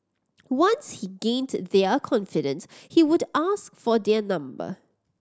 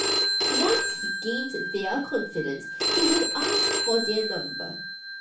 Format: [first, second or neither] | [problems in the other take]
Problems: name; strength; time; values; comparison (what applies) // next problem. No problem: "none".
first | background sound (Telephone); 2 dB above the speech // room echo; dies away in 0.4 s